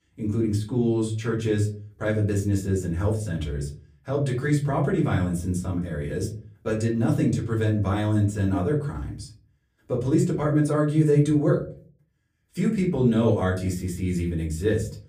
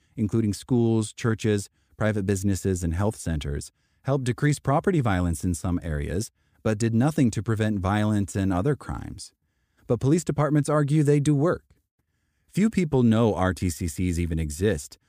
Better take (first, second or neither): second